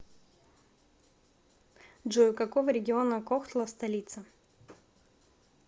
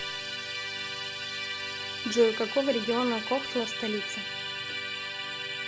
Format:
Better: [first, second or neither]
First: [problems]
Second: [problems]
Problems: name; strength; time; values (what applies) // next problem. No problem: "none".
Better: first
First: none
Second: background sound (Musical instrument); 3 dB below the speech